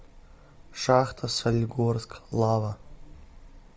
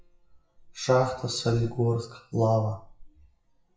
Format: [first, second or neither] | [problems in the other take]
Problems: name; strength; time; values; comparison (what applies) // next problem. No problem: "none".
first | noise reduction (classical method WPE with log-MMSE)